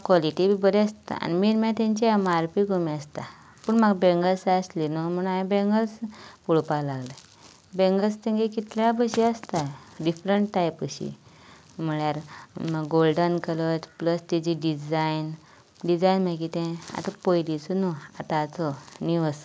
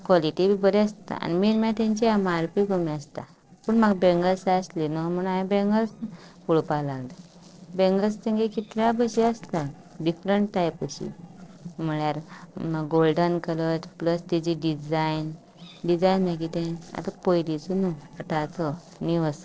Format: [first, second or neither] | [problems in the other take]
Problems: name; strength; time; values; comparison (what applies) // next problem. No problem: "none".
first | noise reduction (neural separator model SepFormer DNS4)